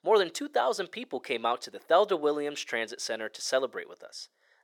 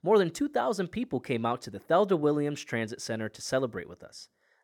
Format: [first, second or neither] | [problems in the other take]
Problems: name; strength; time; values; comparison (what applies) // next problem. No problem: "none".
second | thin; somewhat; fading below 500 Hz